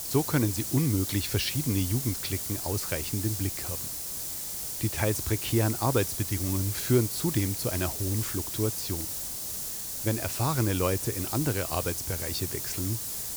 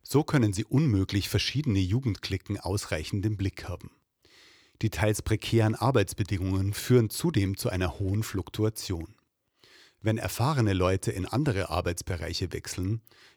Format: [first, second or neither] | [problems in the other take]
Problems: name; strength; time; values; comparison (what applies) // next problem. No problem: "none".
second | hiss; loud; throughout; 2 dB below the speech